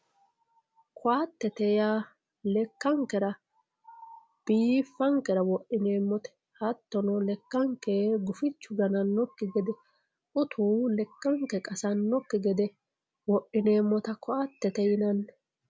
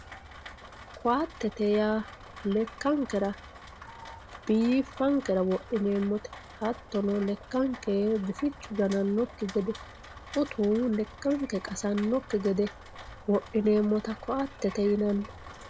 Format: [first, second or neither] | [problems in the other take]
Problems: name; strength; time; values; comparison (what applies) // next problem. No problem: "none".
first | background sound (Rain); 16 dB below the speech